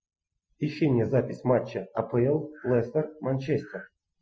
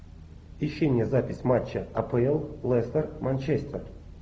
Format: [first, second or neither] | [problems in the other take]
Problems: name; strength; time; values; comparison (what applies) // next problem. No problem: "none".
second | noise reduction (classical method Wiener filter)